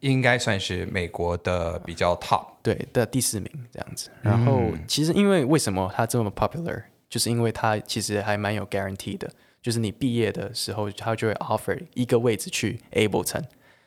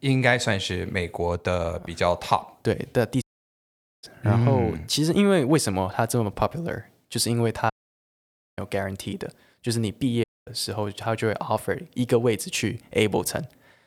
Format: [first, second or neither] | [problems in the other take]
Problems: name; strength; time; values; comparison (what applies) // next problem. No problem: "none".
first | audio cutting out; at 3 s for 1 s, at 7.5 s for 1 s and at 10 s